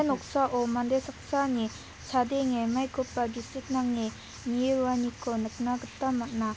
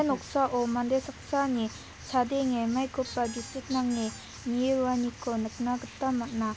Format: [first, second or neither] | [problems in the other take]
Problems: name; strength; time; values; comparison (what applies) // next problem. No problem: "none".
first | background sound (Squeak); 17 dB below the speech